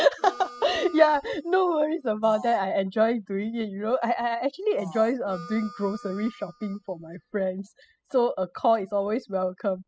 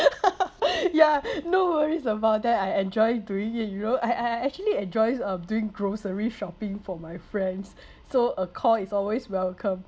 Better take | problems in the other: second | noise reduction (classical method spectral subtraction)

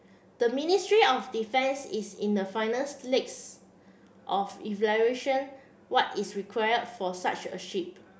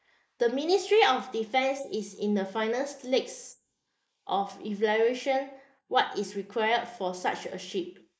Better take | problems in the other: first | noise reduction (neural mask model Resemble Enhance denoiser)

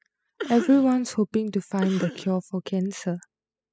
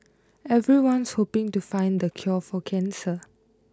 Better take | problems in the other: second | noise reduction (classical method spectral subtraction)

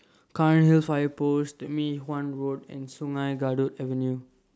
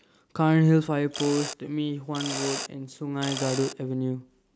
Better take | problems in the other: first | background sound (Mechanisms); 10 dB below the speech

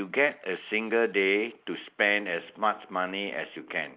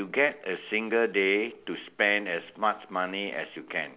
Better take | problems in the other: second | noise reduction (neural mask model Resemble Enhance denoiser)

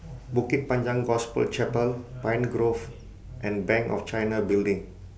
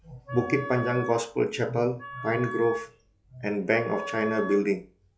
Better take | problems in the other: first | noise reduction (classical method log-MMSE)

